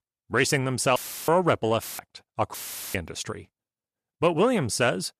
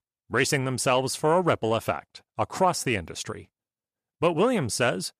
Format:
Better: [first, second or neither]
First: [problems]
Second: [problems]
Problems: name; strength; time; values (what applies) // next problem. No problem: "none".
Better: second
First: audio cutting out; filled with static; at 1 s, at 2 s and at 2.5 s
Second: none